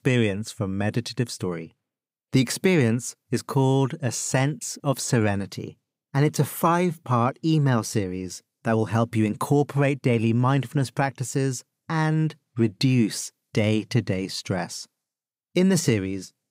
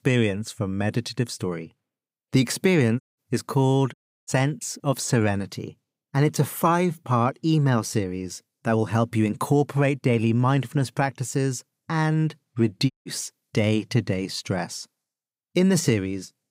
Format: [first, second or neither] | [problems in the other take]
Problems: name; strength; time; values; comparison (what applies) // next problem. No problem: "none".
first | audio cutting out; at 3 s, at 4 s and at 13 s